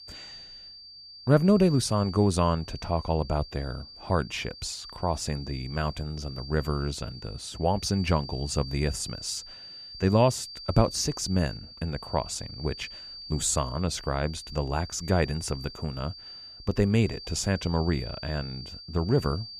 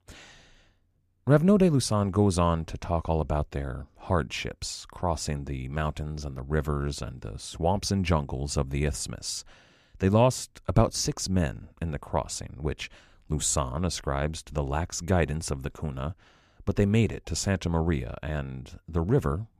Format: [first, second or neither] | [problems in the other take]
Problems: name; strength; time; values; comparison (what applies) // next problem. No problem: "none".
second | high-pitched whine; noticeable; throughout; 4.5 kHz, 15 dB below the speech